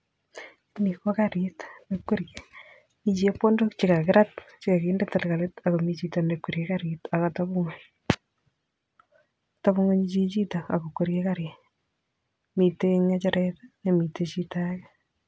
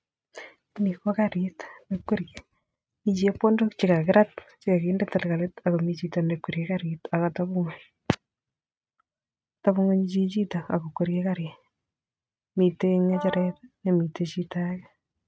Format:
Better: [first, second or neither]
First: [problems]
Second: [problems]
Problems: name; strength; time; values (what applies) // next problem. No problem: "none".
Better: first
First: none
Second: noise reduction (neural mask model RNNoise)